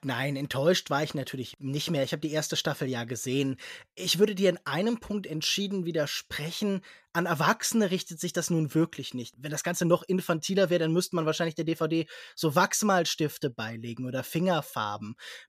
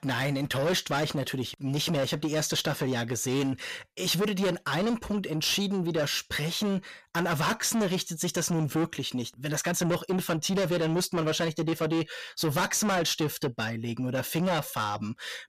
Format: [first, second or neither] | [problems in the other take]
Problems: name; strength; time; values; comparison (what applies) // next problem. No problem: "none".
first | distortion; heavy; 7 dB below the speech